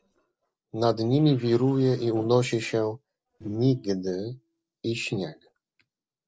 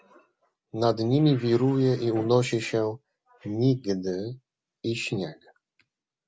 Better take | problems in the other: second | noise reduction (neural separator model SepFormer DNS4)

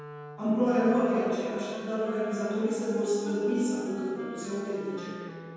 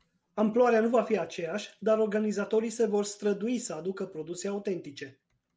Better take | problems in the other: second | background sound (Wind instrument, woodwind instrument); 13 dB below the speech // room echo; dies away in 2 s

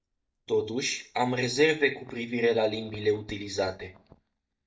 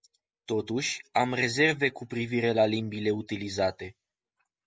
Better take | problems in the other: second | noise reduction (neural mask model DeepFilterNet 3)

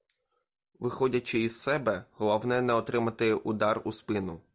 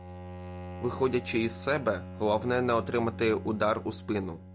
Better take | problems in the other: first | background sound (Bowed string instrument); 12 dB below the speech

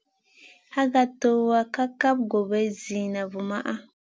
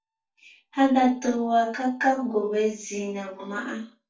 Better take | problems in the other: first | noise reduction (neural mask model DeepFilterNet 3)

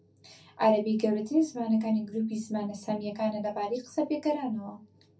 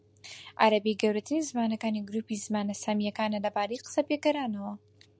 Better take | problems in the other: second | room echo; dies away in 0.3 s

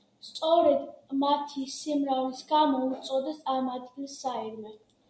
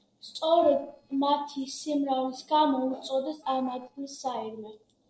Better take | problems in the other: first | noise reduction (neural separator model SepFormer DNS4)

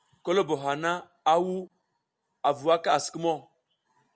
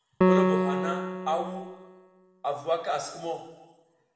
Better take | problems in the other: first | background sound (Piano); 5 dB above the speech // room echo; dies away in 1.1 s

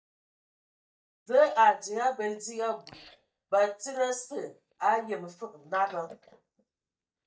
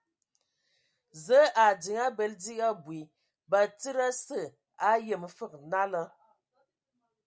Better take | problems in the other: second | noise reduction (neural mask model DeepFilterNet 3)

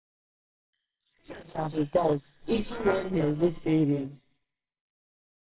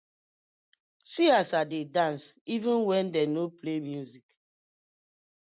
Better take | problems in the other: second | noise reduction (neural separator model SepFormer WHAMR!)

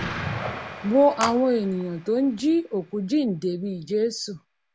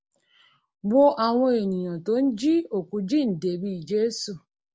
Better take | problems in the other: second | background sound (Explosion + Telephone); 11 dB below the speech

